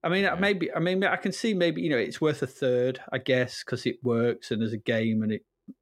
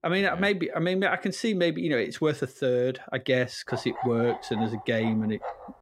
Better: first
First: none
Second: dog barking; noticeable; from 3.5 s on; peak 8 dB below the speech

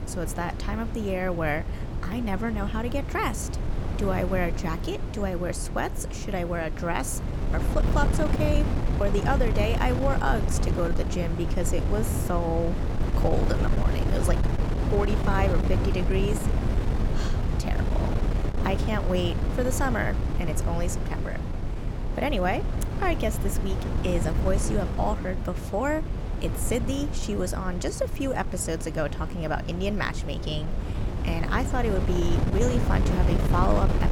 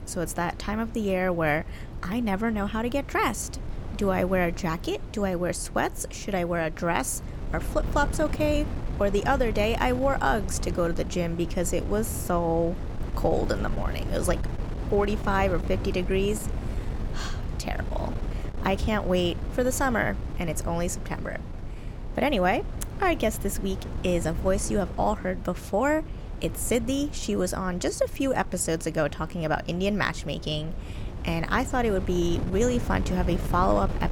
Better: second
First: wind noise on the microphone; heavy; 6 dB below the speech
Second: wind noise on the microphone; occasional gusts; 15 dB below the speech

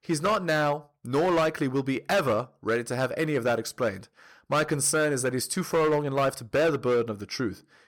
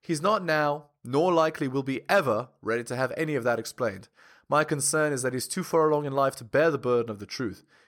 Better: second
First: distortion; slight; 8% of the sound clipped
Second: none

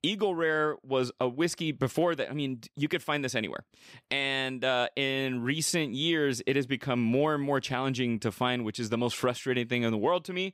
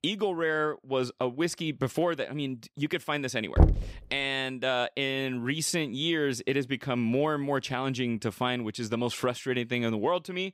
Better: first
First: none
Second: door banging; loud; at 3.5 s; peak 6 dB above the speech

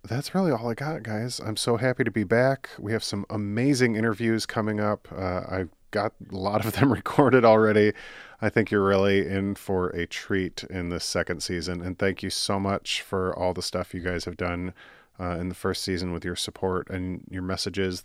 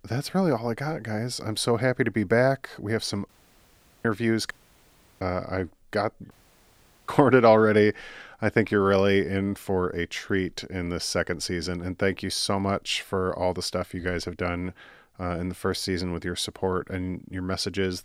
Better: first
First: none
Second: audio cutting out; at 3.5 s for 1 s, at 4.5 s for 0.5 s and at 6.5 s for 1 s

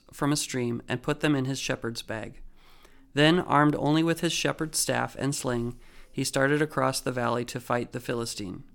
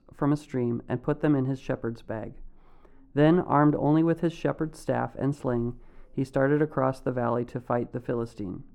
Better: first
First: none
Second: muffled; very; fading above 2 kHz

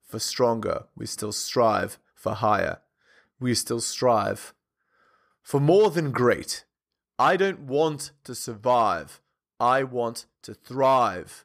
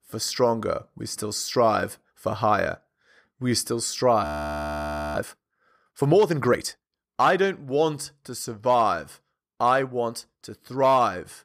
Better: first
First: none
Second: audio freezing; at 4 s for 1 s

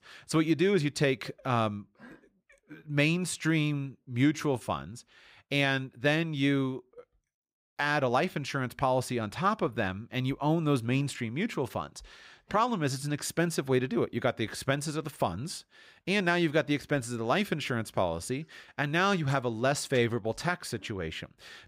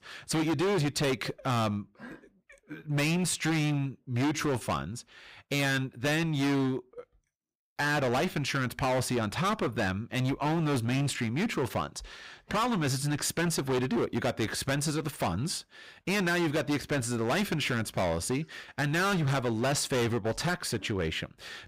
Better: first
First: none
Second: distortion; heavy; 19% of the sound clipped

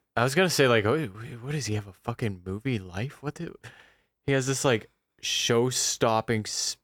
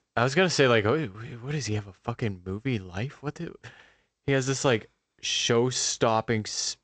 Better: first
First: none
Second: garbled, watery; slightly; nothing above 7.5 kHz

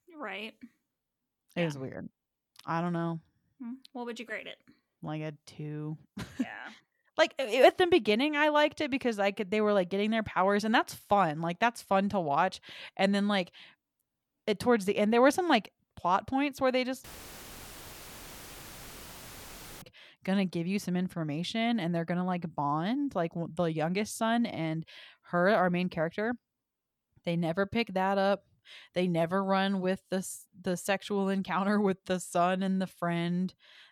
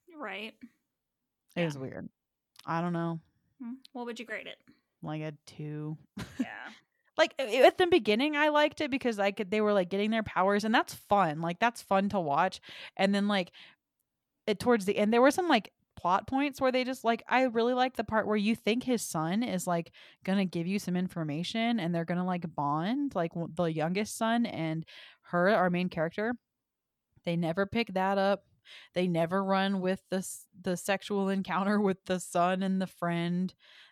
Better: second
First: audio cutting out; filled with static; at 17 s for 3 s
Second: none

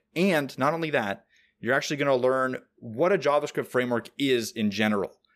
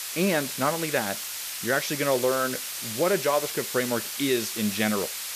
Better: first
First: none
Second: hiss; loud; throughout; 4 dB below the speech

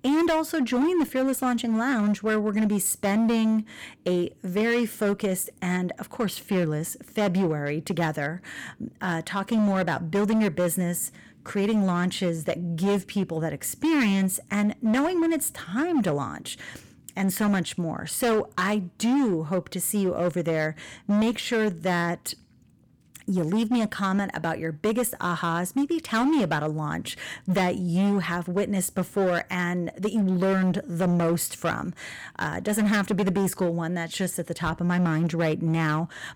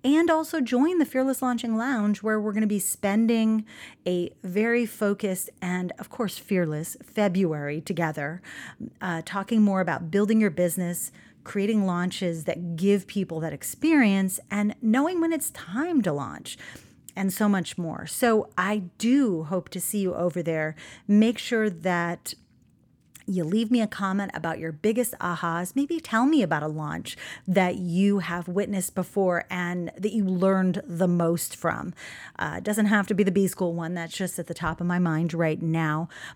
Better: second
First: distortion; slight; 12% of the sound clipped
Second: none

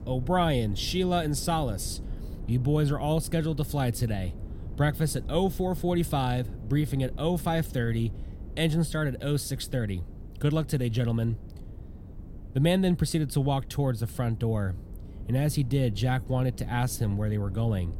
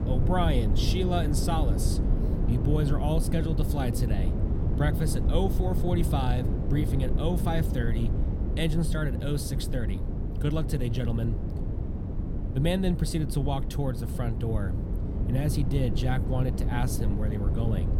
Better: first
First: low rumble; faint; throughout; 20 dB below the speech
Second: low rumble; loud; throughout; 6 dB below the speech

